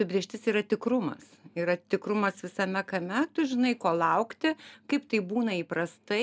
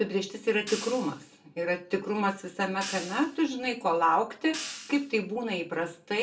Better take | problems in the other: first | background sound (Hi-hat); 15 dB below the speech // room echo; dies away in 0.3 s

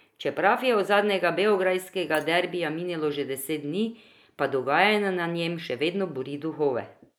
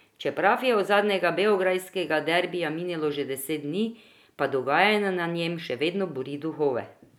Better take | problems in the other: second | noise reduction (neural mask model Resemble Enhance denoiser)

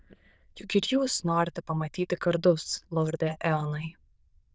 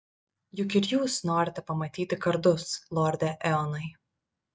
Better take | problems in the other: second | noise reduction (neural diffusion model UNIVERSE++)

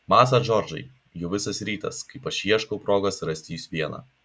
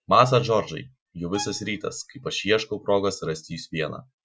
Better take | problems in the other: first | noise reduction (classical method Wiener filter)

